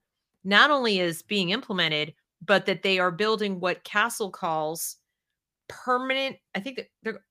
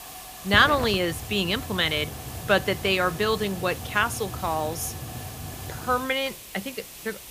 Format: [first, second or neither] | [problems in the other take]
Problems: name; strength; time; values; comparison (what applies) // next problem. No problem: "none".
first | hiss; noticeable; throughout; 10 dB below the speech